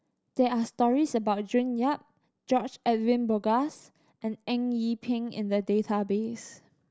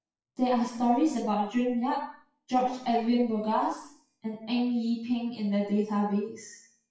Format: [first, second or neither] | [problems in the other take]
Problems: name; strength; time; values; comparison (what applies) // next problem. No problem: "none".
first | noise reduction (classical method WPE with log-MMSE)